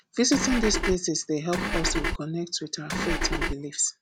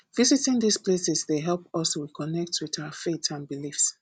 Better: second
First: background sound (Engine / Car); 1 dB above the speech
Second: none

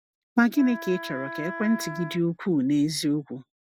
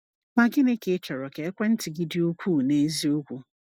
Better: second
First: background sound (Wind instrument, woodwind instrument); 11 dB below the speech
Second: none

